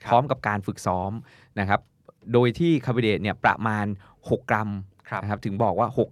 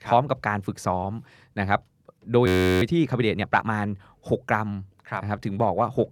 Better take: first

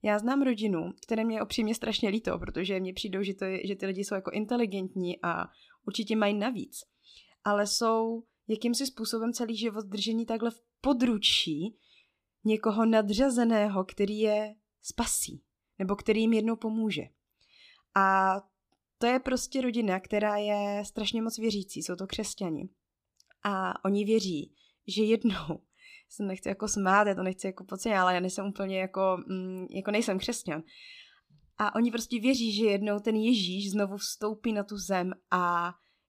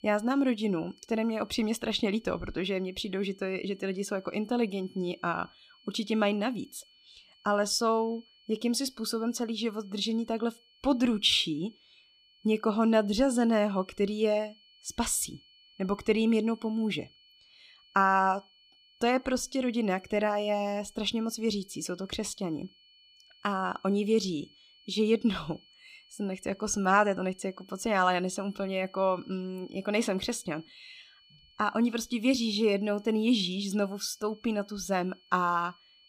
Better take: first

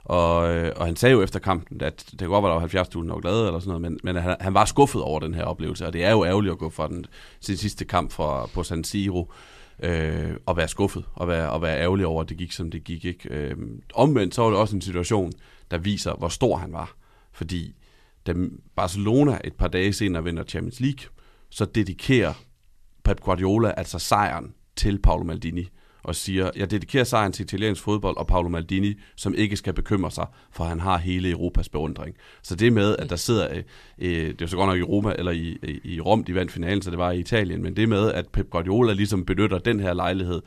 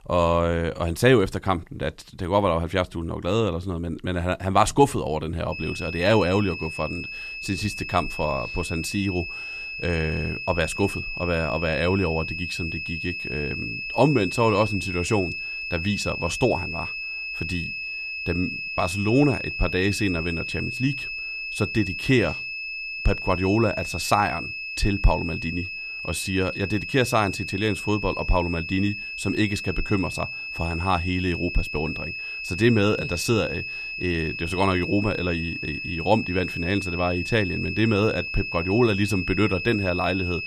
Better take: first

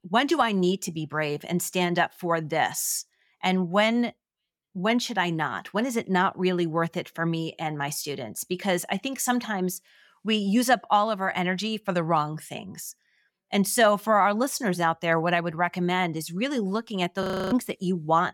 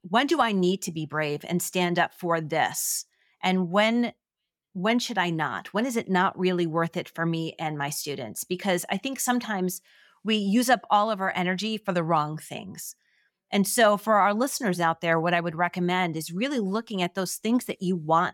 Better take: second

